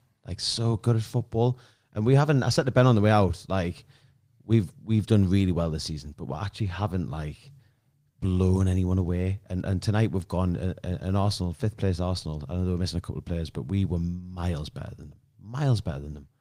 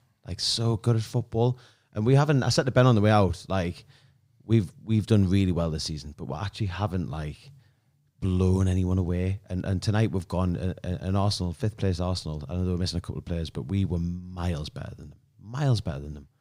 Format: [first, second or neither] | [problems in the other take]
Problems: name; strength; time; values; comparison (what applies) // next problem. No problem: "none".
second | garbled, watery; slightly; nothing above 15.5 kHz